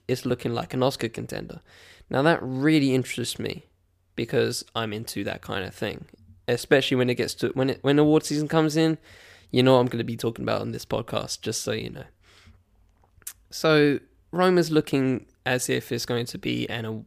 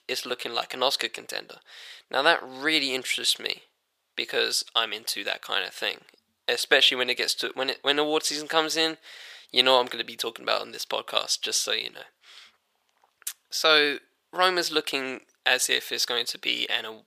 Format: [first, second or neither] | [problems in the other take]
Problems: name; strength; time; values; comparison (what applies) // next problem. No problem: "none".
first | thin; very; fading below 700 Hz